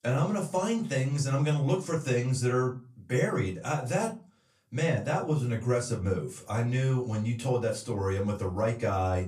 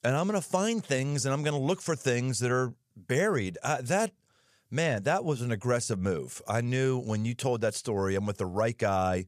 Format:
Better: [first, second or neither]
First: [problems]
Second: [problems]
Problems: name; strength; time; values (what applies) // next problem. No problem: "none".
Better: second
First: off-mic speech; far // room echo; very slight; dies away in 0.3 s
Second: none